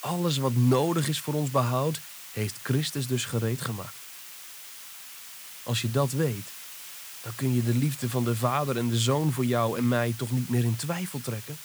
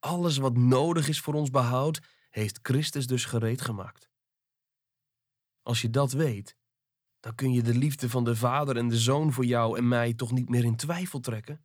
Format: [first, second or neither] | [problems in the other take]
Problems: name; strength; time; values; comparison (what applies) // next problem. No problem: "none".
second | hiss; noticeable; throughout; 15 dB below the speech